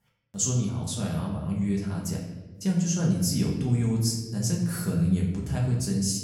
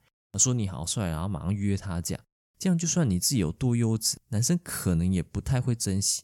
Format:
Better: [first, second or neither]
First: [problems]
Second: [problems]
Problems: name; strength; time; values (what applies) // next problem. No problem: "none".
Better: second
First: room echo; noticeable; dies away in 1 s // off-mic speech; far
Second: none